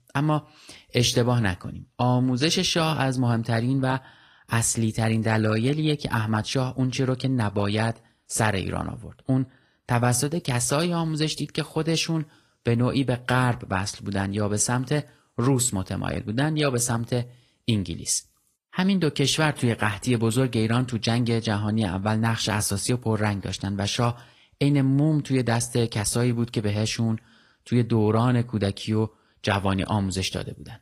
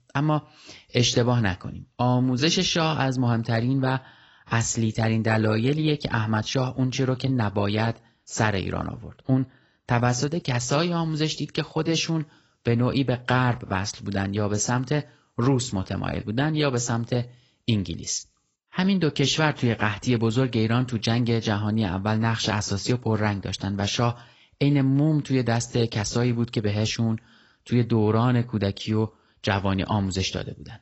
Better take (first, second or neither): first